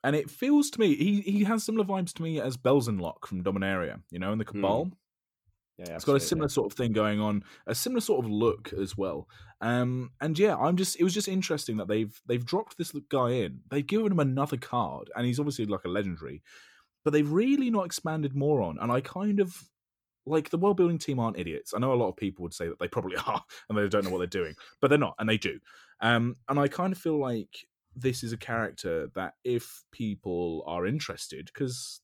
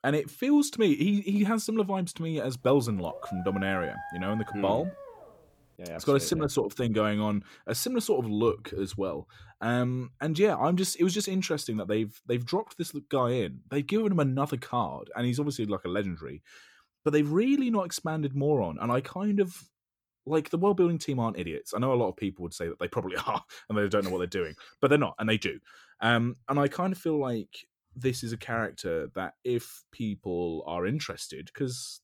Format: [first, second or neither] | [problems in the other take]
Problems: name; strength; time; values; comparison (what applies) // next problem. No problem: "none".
first | dog barking; faint; from 2.5 to 5.5 s; peak 10 dB below the speech